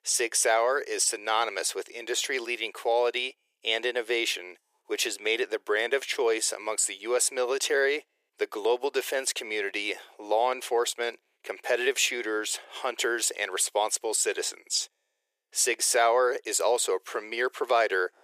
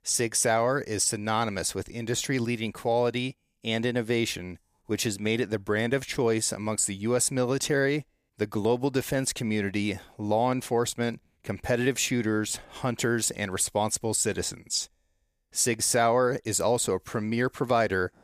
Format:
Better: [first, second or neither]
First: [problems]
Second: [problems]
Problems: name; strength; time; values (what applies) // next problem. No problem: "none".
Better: second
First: thin; very; fading below 400 Hz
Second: none